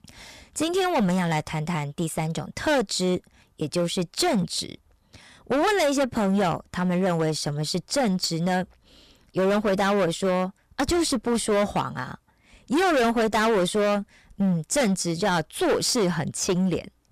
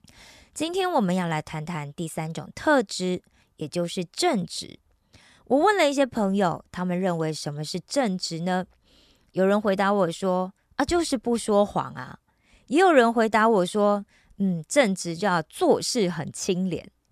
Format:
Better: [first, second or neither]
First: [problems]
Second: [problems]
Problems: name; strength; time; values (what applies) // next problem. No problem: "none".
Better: second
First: distortion; heavy; 15% of the sound clipped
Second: none